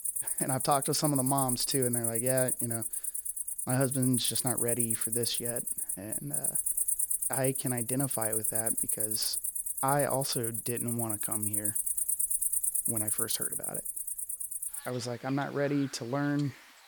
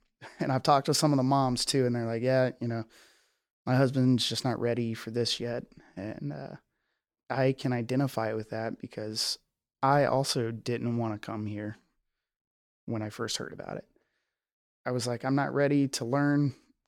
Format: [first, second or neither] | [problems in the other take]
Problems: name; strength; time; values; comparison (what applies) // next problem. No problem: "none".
second | animal sounds; very loud; throughout; 3 dB above the speech